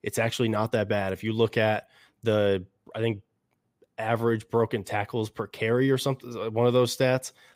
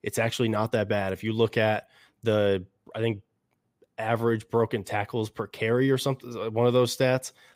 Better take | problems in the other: neither | none

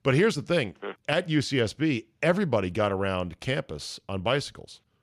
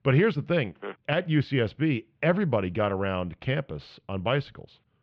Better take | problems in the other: first | muffled; slightly; fading above 3 kHz

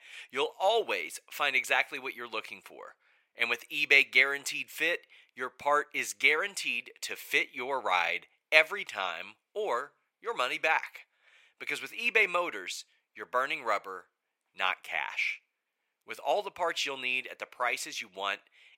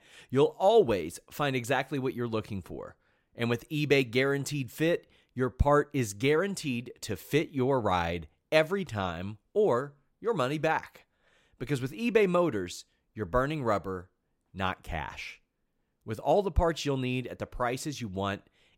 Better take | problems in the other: second | thin; very; fading below 750 Hz

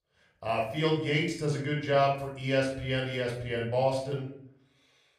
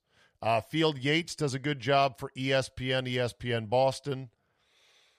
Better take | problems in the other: second | room echo; noticeable; dies away in 0.5 s // off-mic speech; somewhat distant

